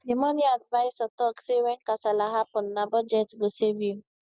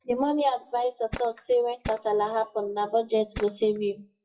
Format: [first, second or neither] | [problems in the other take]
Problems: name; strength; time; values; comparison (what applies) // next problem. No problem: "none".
first | noise reduction (classical method WPE with log-MMSE)